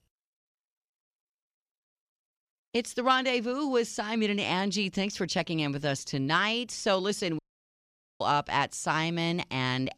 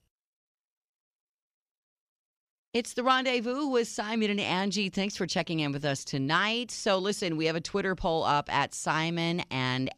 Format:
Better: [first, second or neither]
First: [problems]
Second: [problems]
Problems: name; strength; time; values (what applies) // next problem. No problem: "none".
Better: second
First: audio cutting out; at 7.5 s for 1 s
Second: none